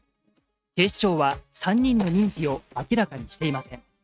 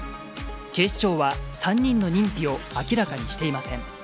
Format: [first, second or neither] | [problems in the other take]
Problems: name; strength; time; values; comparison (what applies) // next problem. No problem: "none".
second | noise reduction (neural mask model RNNoise)